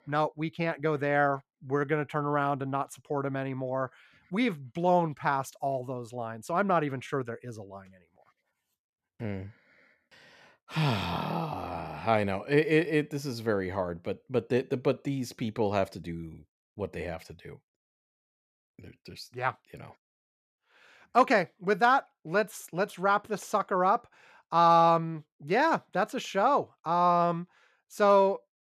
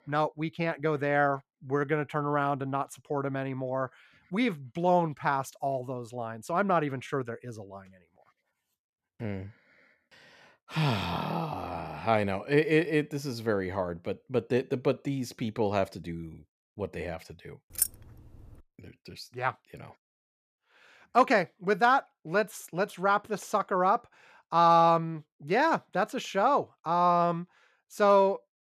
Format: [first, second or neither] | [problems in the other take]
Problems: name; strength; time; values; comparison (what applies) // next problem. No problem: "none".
first | jangling keys; noticeable; at 18 s; peak 1 dB below the speech